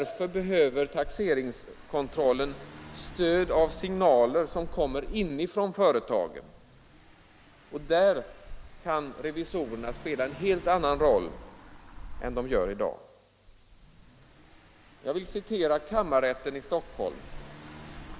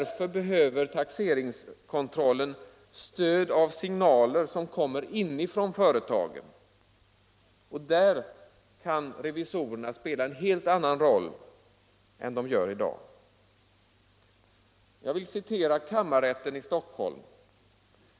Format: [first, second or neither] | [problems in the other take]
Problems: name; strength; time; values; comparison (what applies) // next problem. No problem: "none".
second | background sound (Engine / Car); 14 dB below the speech